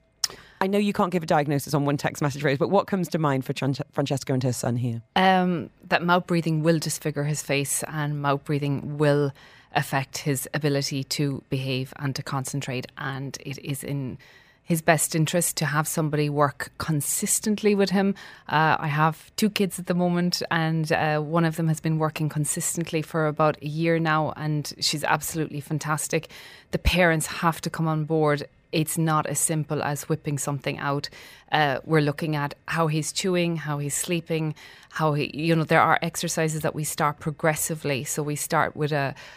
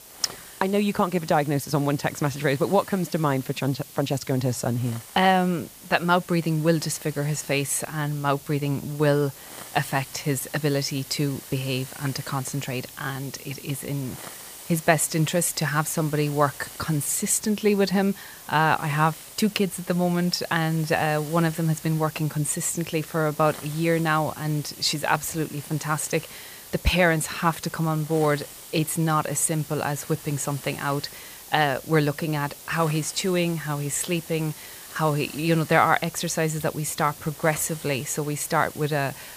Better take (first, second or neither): first